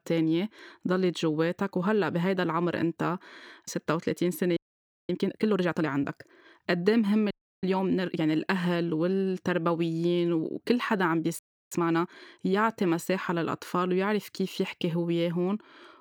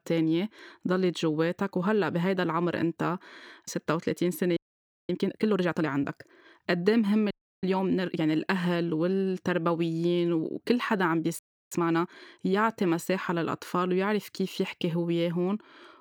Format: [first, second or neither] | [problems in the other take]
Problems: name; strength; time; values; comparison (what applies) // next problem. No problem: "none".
neither | audio freezing; at 4.5 s for 0.5 s, at 7.5 s and at 11 s; the same in both